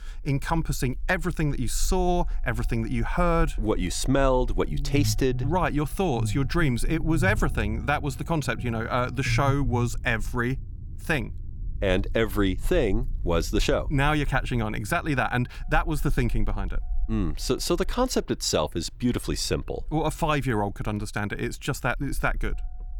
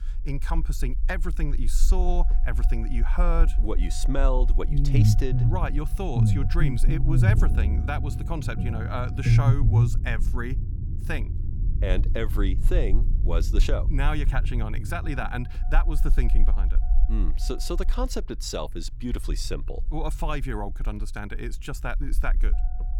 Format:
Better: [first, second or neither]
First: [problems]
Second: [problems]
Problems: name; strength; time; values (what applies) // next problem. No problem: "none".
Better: first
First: low rumble; faint; throughout; 20 dB below the speech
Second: low rumble; loud; throughout; 6 dB below the speech